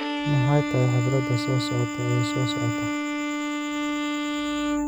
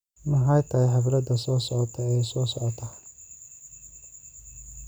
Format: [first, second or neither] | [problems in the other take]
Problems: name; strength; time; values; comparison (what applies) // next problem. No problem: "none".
second | background sound (Bowed string instrument); as loud as the speech